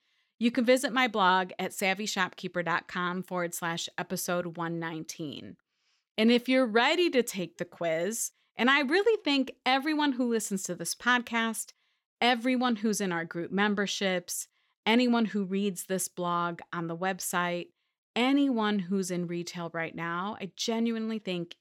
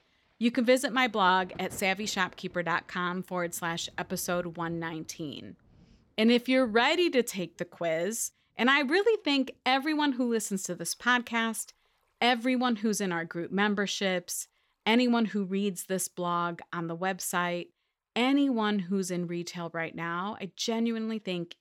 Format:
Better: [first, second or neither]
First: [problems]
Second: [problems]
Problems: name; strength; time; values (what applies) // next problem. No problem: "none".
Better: first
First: none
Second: rain or running water; faint; throughout; 30 dB below the speech